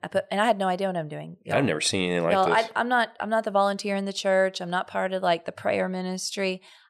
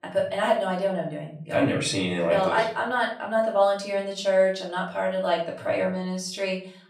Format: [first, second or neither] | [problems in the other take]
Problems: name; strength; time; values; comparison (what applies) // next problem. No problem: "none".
first | off-mic speech; far // room echo; slight; dies away in 0.5 s